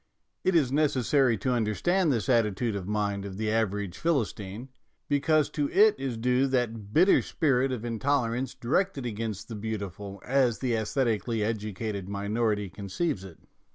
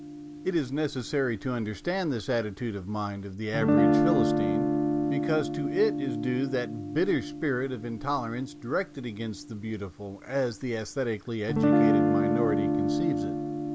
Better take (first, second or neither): first